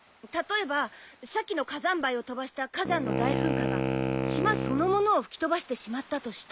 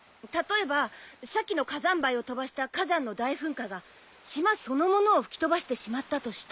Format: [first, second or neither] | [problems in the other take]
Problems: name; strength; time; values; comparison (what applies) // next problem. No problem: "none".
second | background sound (Wind instrument, woodwind instrument); 1 dB below the speech